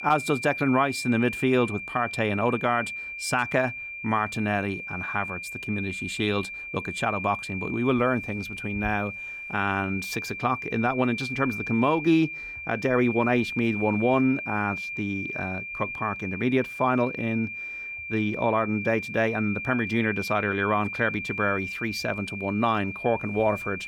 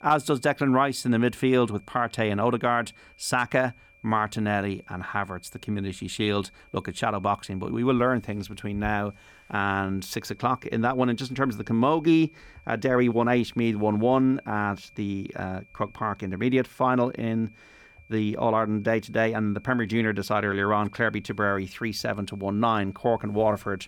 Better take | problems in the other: second | high-pitched whine; loud; throughout; 2.5 kHz, 6 dB below the speech; faint in the second

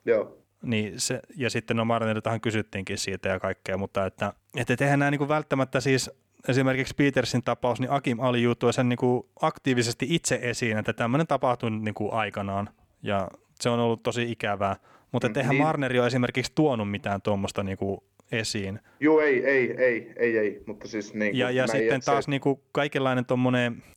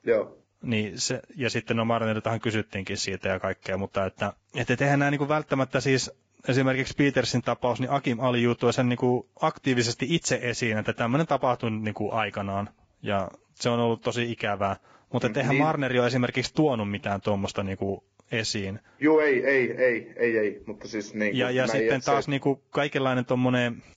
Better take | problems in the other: first | garbled, watery; badly; nothing above 7.5 kHz

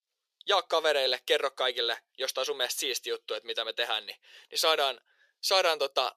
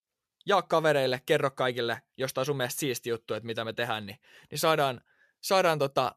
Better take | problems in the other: second | thin; very; fading below 450 Hz

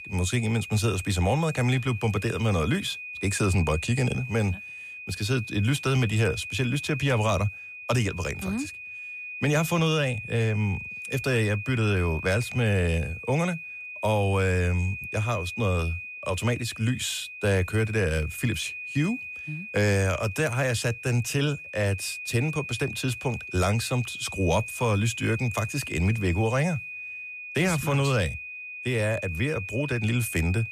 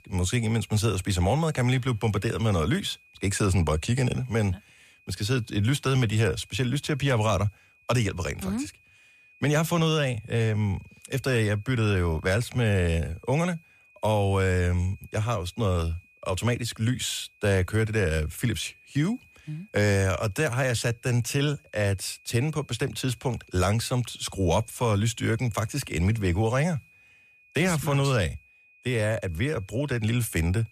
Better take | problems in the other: second | high-pitched whine; loud; throughout; 2.5 kHz, 9 dB below the speech; faint in the second

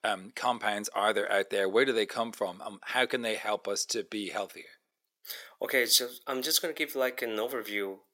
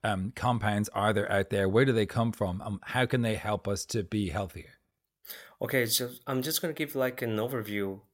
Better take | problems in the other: second | thin; somewhat; fading below 300 Hz

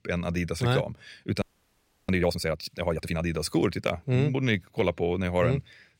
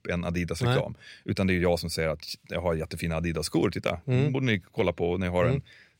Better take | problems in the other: second | audio freezing; at 1.5 s for 0.5 s

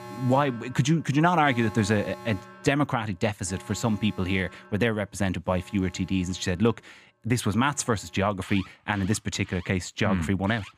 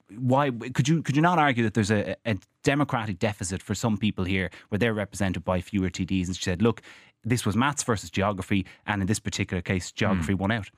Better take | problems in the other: second | alarms or sirens; noticeable; throughout; 20 dB below the speech

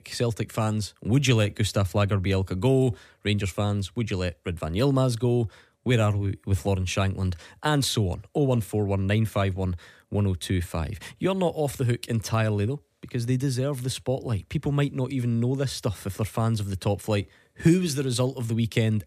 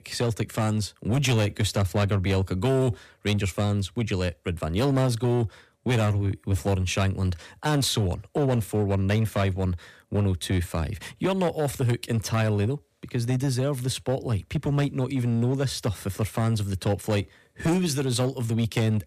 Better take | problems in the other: first | distortion; slight; 10% of the sound clipped

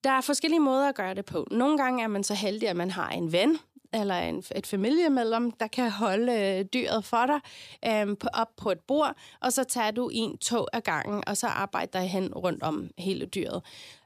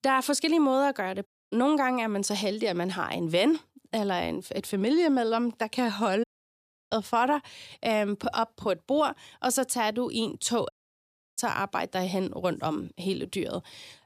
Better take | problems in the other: first | audio cutting out; at 1.5 s, at 6 s for 0.5 s and at 11 s for 0.5 s

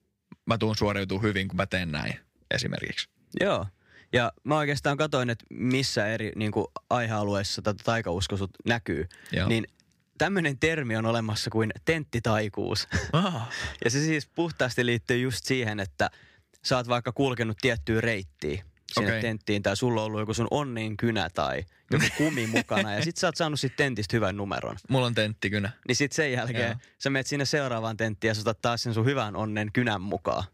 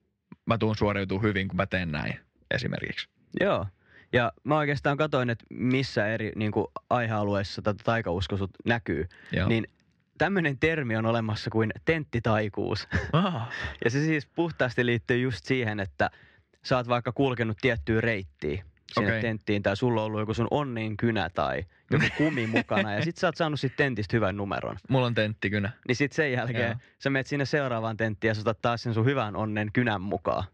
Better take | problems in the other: first | muffled; slightly; fading above 3 kHz

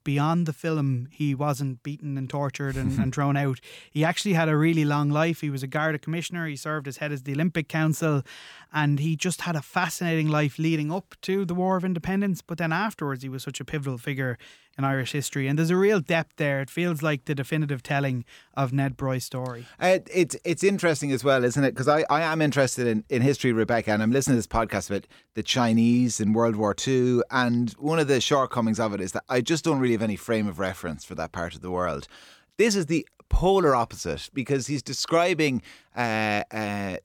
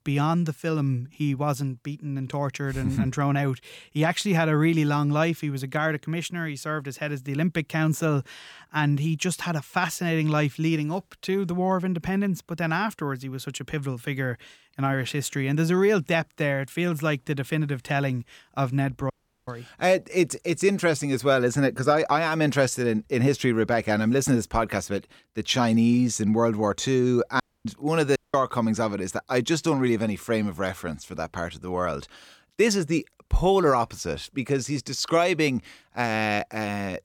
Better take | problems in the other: first | audio cutting out; at 19 s, at 27 s and at 28 s

